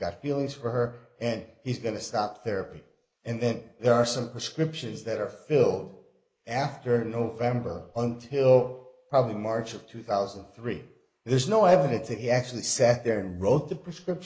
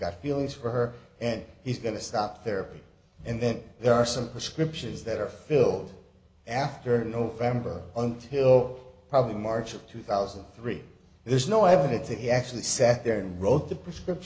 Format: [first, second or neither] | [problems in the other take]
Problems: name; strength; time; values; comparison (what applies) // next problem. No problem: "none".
second | noise reduction (neural mask model Resemble Enhance denoiser)